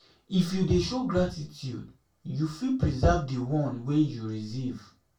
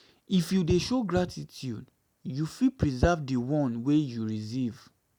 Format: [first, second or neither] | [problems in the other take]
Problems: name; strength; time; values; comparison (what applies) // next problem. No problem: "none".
second | room echo; dies away in 0.2 s